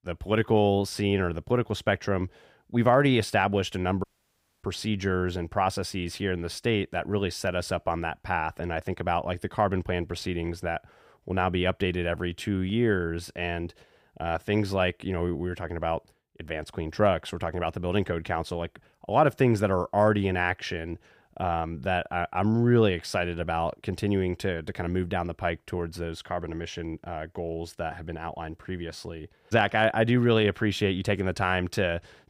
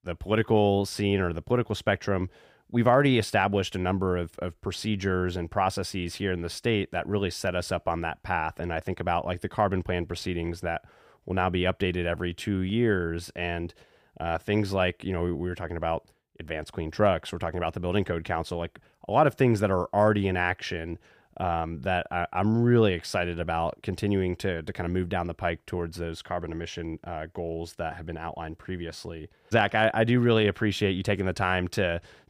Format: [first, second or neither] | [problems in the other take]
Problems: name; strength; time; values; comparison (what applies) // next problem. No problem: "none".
second | audio cutting out; at 4 s for 0.5 s